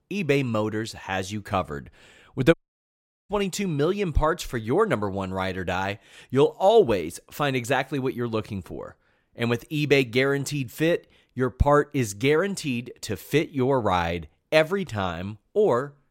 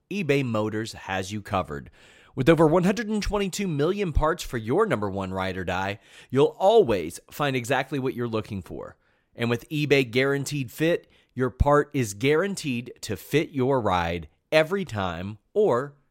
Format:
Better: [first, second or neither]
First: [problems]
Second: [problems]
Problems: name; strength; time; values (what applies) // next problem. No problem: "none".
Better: second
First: audio cutting out; at 2.5 s for 1 s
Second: none